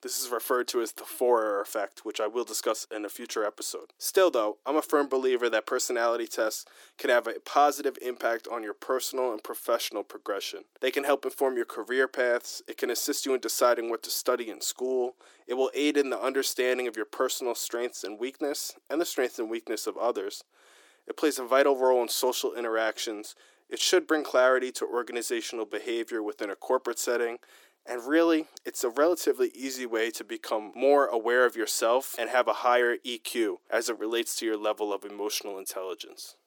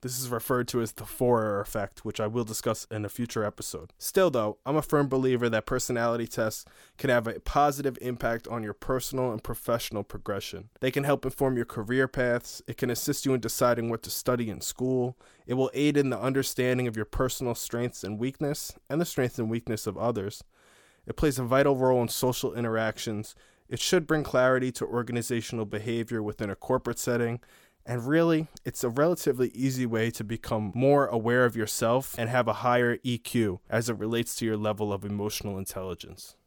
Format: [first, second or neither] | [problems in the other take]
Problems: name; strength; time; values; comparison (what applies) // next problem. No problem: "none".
second | thin; somewhat; fading below 300 Hz